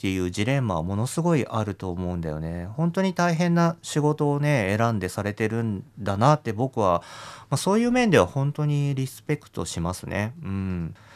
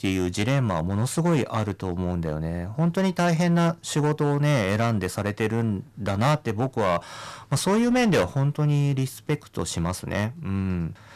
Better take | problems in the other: first | distortion; slight; 8% of the sound clipped

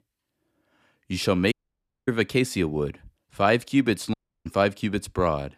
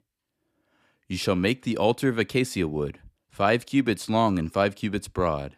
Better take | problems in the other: second | audio cutting out; at 1.5 s for 0.5 s and at 4 s

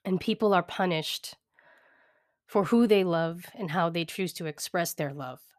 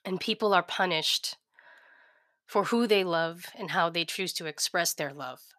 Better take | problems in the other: first | thin; very slightly; fading below 350 Hz

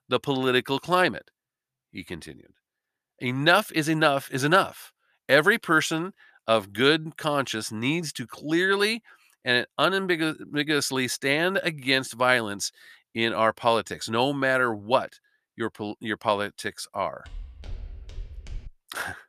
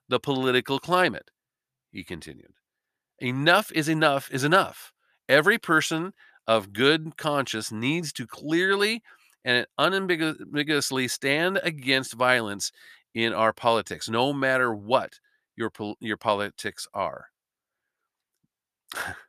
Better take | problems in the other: second | footsteps; faint; from 17 to 19 s; peak 15 dB below the speech

